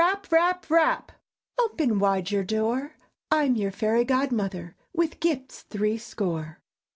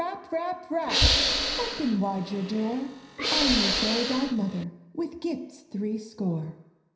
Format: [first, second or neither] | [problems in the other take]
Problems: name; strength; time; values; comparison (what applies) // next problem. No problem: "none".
first | background sound (Hiss / Breathing); 2 dB above the speech // room echo; dies away in 0.9 s